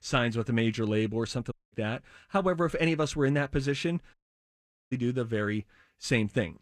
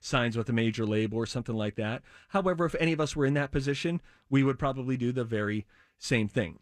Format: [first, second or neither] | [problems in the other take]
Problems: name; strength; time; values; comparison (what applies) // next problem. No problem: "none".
second | audio cutting out; at 1.5 s and at 4 s for 1 s